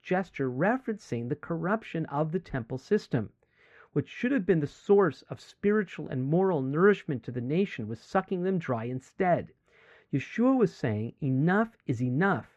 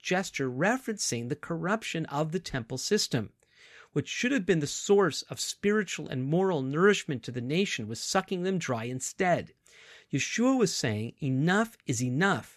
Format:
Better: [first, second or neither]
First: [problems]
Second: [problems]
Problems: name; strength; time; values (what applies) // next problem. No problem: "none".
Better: second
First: muffled; very; fading above 3.5 kHz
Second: none